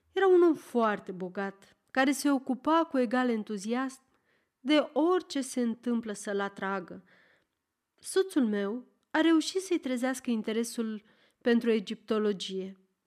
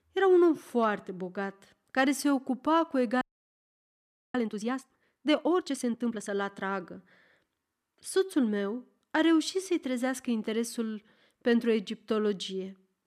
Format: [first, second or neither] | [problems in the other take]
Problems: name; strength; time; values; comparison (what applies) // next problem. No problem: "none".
first | audio freezing; at 3 s for 1 s